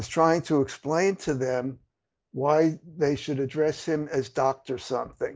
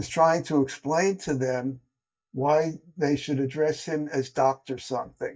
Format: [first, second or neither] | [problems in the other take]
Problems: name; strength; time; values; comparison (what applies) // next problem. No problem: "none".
first | noise reduction (neural mask model DeepFilterNet 3)